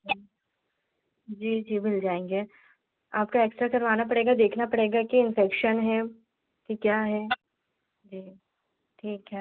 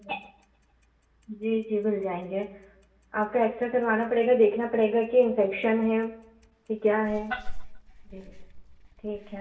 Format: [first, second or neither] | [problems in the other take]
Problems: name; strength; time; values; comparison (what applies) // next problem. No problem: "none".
first | background sound (Clock); 14 dB below the speech // room echo; dies away in 0.7 s